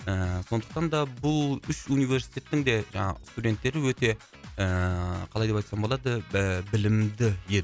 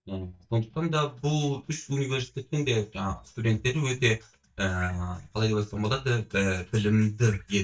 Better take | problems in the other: first | noise reduction (neural mask model DeepFilterNet 3)

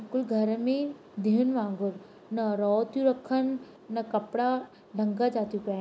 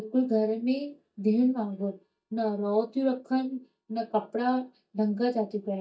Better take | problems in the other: first | noise reduction (neural mask model DeepFilterNet 3)

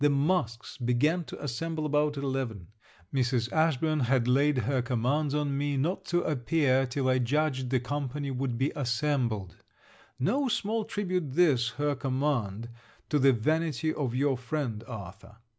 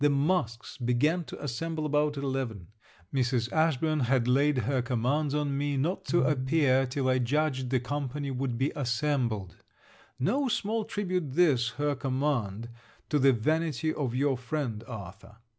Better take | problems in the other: first | background sound (Piano); 7 dB below the speech

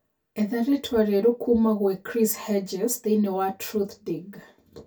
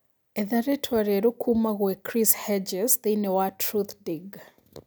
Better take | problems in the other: second | room echo; dies away in 0.2 s

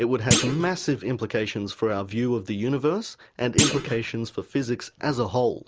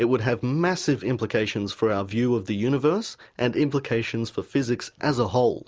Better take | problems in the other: second | background sound (Thump, thud); 2 dB below the speech

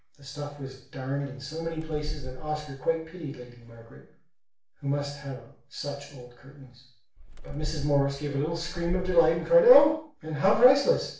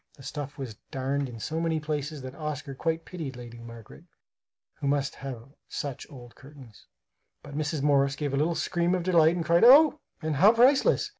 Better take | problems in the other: second | background sound (Bird); 7 dB below the speech // room echo; dies away in 0.5 s

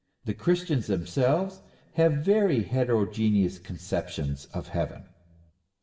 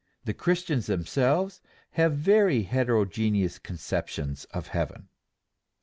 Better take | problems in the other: second | room echo; dies away in 0.7 s

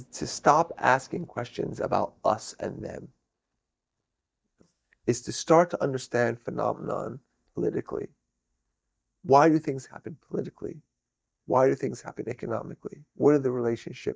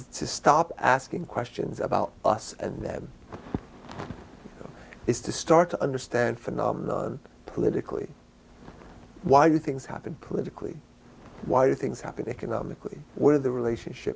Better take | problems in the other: second | noise reduction (neural mask model DeepFilterNet 3)

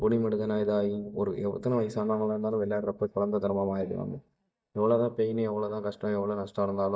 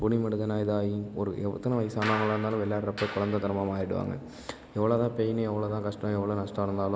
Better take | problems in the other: second | noise reduction (neural mask model DeepFilterNet 3)

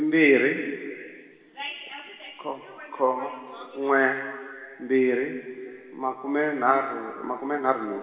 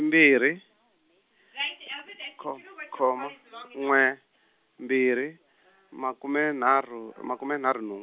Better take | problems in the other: second | room echo; dies away in 2.5 s

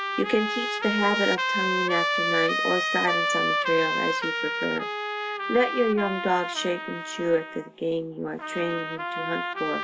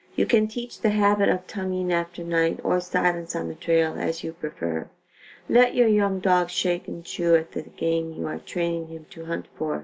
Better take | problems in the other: second | background sound (Trumpet); 1 dB below the speech

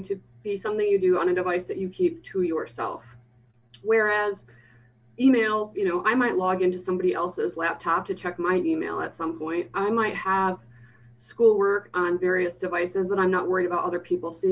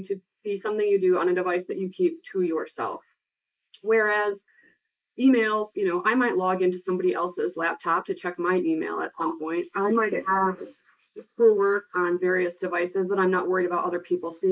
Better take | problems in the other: first | noise reduction (neural mask model Resemble Enhance denoiser)

